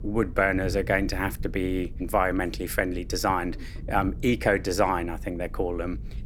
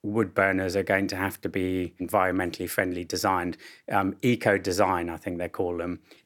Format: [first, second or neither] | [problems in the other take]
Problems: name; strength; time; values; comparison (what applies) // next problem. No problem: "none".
second | low rumble; faint; throughout; 25 dB below the speech